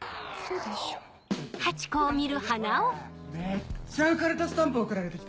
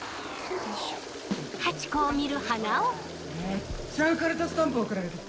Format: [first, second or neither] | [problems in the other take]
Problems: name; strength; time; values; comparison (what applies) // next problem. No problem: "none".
first | background sound (Toilet flush); 11 dB below the speech